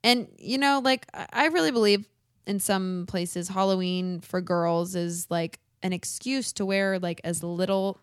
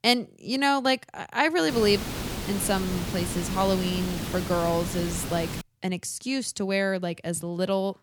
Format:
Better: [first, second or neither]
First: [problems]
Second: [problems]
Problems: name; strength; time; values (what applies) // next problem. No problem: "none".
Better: first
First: none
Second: hiss; loud; from 1.5 to 5.5 s; 6 dB below the speech